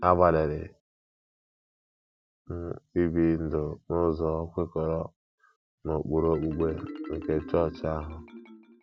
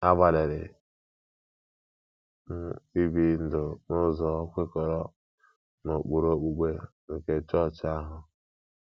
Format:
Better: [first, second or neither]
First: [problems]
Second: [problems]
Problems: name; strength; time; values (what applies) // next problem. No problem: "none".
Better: second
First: background sound (Marimba, xylophone); 17 dB below the speech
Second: none